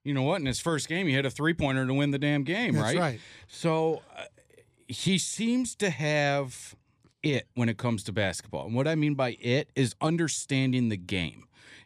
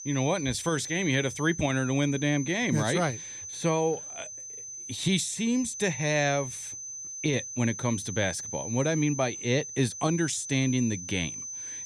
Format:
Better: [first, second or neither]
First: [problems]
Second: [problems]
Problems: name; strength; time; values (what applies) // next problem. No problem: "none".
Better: first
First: none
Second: high-pitched whine; loud; throughout; 6 kHz, 8 dB below the speech